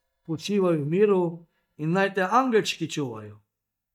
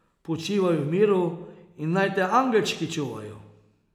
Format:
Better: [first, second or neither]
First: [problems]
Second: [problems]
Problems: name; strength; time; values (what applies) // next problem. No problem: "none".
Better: second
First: noise reduction (neural mask model DeepFilterNet 3)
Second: none